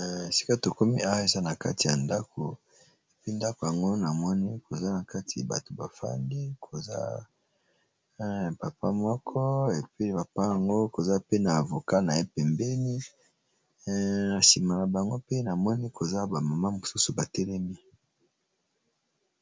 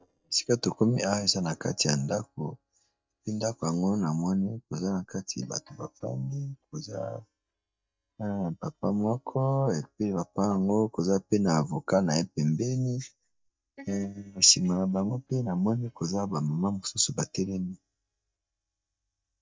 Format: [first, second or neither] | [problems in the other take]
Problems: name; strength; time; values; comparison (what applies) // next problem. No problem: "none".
first | noise reduction (neural mask model DeepFilterNet 3)